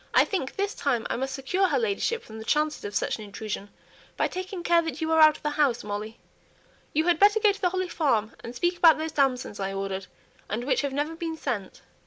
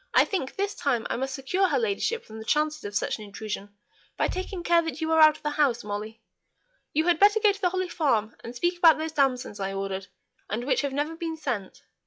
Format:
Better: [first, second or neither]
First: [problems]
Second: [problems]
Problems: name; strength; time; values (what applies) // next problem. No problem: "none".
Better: first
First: none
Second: noise reduction (classical method log-MMSE)